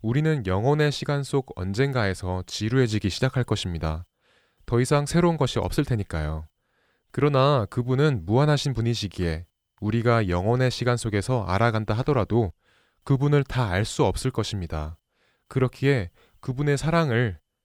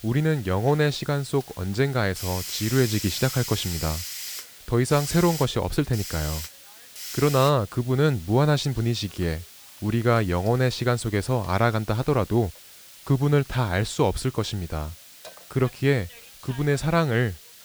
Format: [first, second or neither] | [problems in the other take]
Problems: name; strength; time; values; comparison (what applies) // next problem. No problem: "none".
first | hiss; noticeable; throughout; 15 dB below the speech